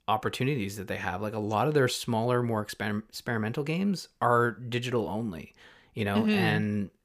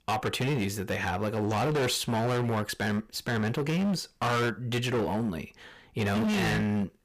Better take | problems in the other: first | distortion; heavy; 24% of the sound clipped

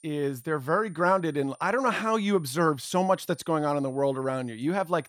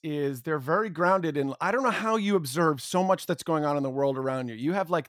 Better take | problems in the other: second | high-pitched whine; faint; throughout; 9.5 kHz, 30 dB below the speech

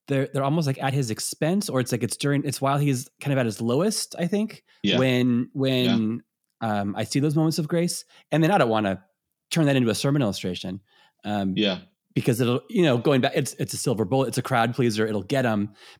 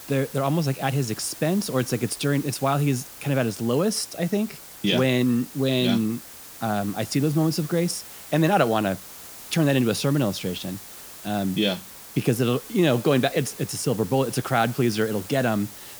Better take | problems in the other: first | hiss; noticeable; throughout; 15 dB below the speech

